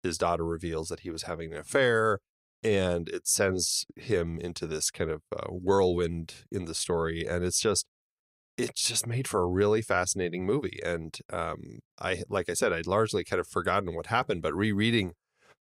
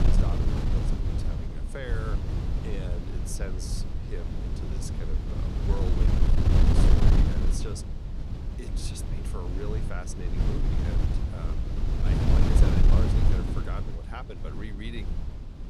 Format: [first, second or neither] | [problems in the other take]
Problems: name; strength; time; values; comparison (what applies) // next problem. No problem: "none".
first | wind noise on the microphone; heavy; 3 dB above the speech